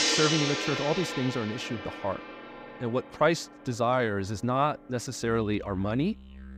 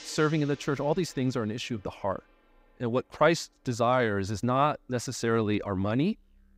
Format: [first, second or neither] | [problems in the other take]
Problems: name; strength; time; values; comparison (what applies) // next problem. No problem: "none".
second | background music; loud; throughout; 2 dB below the speech; faint in the second